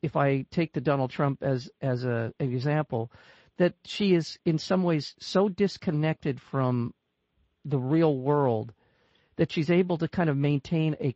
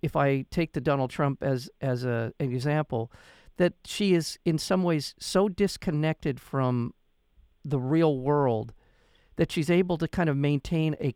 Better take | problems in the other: second | garbled, watery; slightly; nothing above 8 kHz

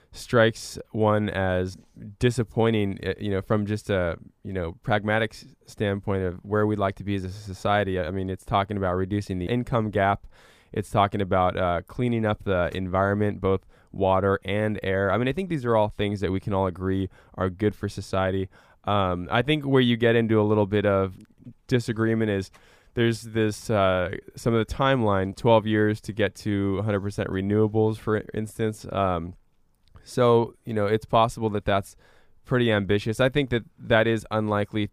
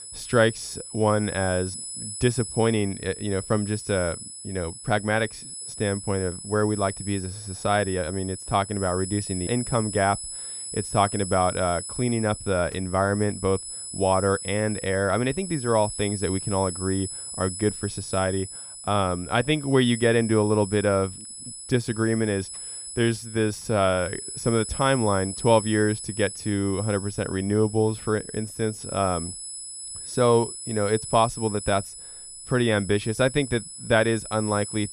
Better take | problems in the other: first | high-pitched whine; loud; throughout; 10 kHz, 9 dB below the speech

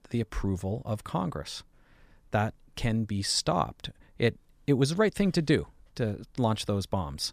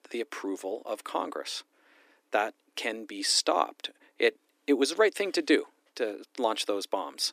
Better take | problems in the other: first | thin; somewhat; fading below 300 Hz

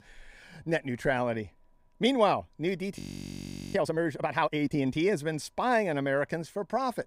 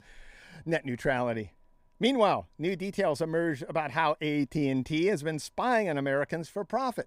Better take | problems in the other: second | audio freezing; at 3 s for 1 s

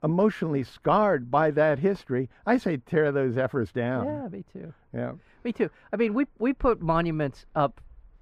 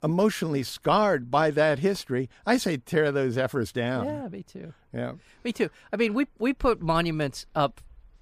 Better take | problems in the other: second | muffled; slightly; fading above 3 kHz

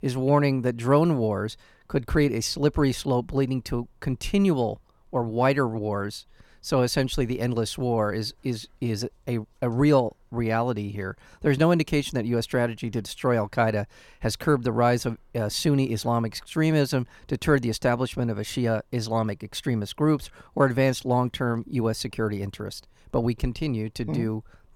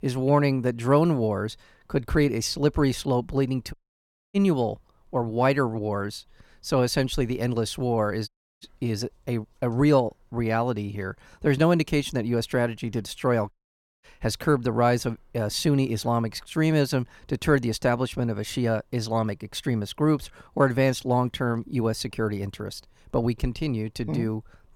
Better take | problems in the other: first | audio cutting out; at 3.5 s for 0.5 s, at 8.5 s and at 14 s for 0.5 s

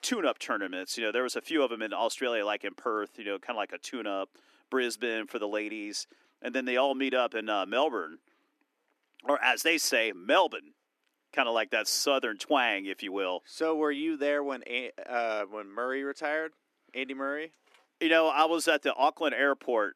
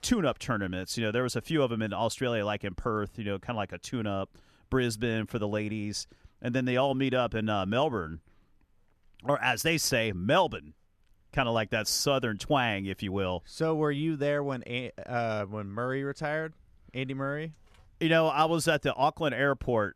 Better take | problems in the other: second | thin; very slightly; fading below 300 Hz

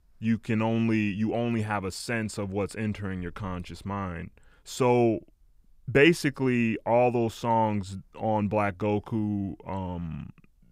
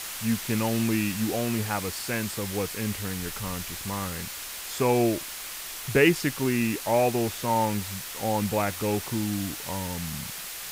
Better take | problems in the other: first | hiss; loud; throughout; 6 dB below the speech

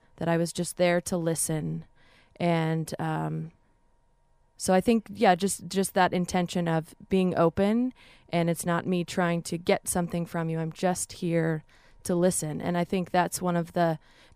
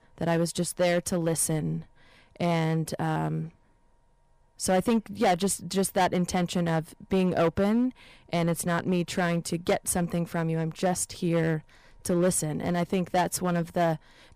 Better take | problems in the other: first | distortion; slight; 6% of the sound clipped

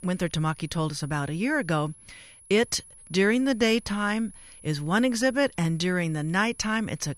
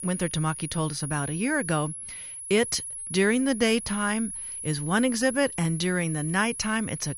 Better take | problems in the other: first | high-pitched whine; loud; throughout; 10.5 kHz, 8 dB below the speech; faint in the first

